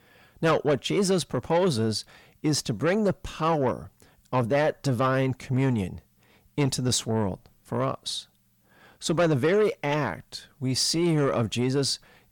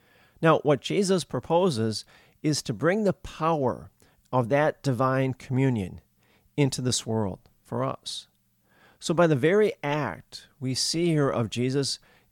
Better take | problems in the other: second | distortion; slight; 10 dB below the speech

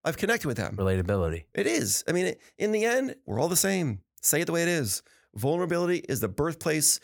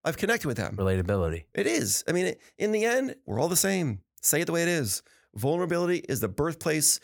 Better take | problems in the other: neither | none

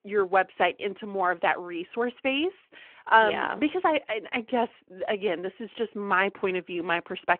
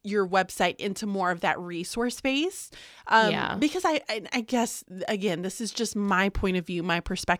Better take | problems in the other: second | phone-call audio

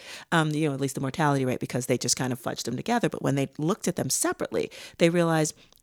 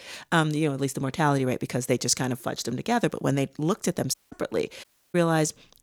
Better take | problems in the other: first | audio cutting out; at 4 s and at 5 s

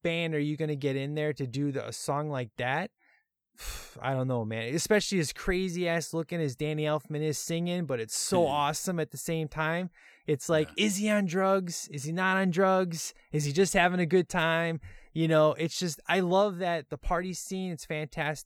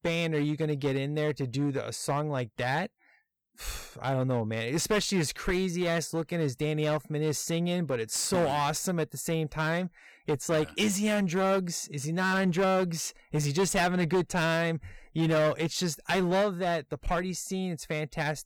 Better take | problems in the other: first | distortion; slight; 10% of the sound clipped

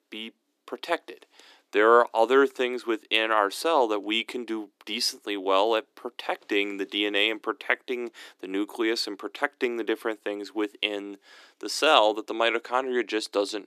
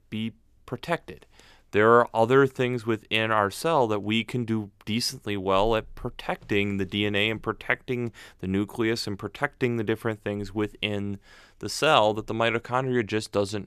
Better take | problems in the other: second | thin; somewhat; fading below 300 Hz

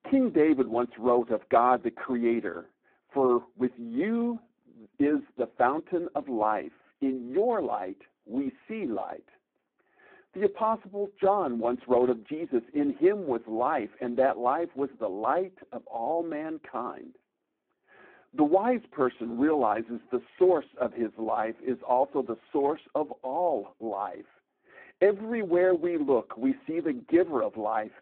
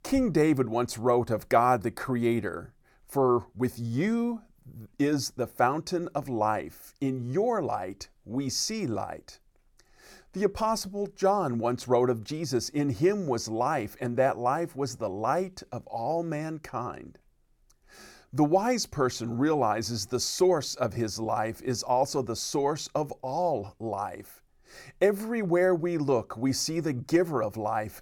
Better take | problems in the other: second | phone-call audio; poor line

